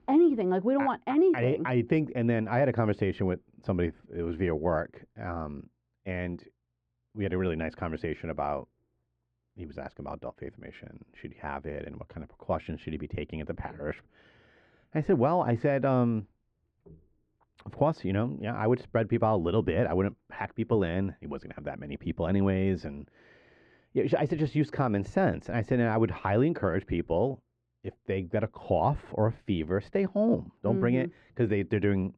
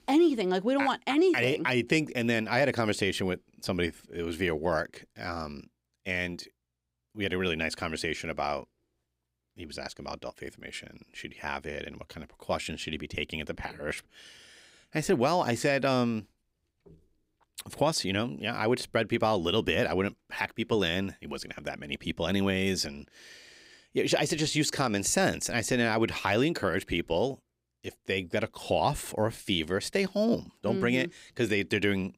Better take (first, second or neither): second